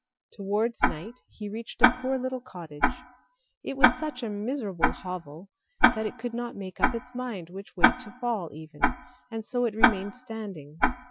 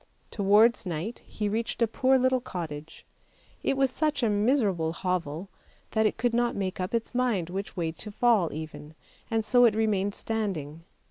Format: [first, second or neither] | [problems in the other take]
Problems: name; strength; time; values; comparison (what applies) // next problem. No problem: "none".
second | noise reduction (classical method Wiener filter)